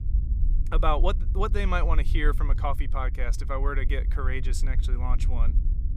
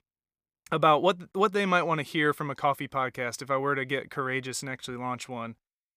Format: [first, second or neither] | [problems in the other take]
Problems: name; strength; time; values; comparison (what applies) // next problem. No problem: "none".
second | low rumble; noticeable; throughout; 15 dB below the speech